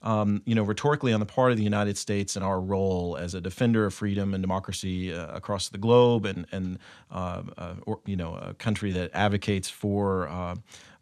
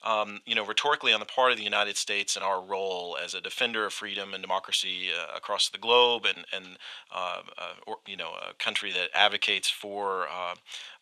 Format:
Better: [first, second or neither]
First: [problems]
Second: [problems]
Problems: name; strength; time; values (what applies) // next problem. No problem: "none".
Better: first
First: none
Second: thin; very; fading below 750 Hz